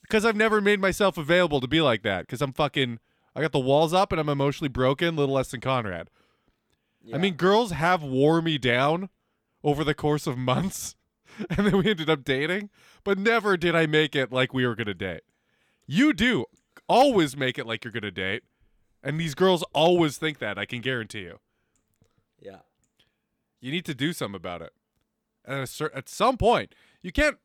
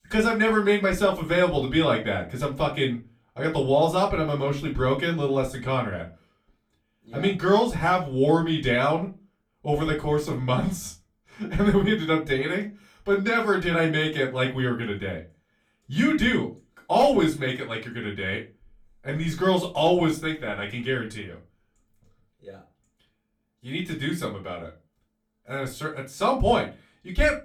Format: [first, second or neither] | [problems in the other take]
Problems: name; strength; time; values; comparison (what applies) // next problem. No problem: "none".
first | off-mic speech; far // room echo; very slight; dies away in 0.2 s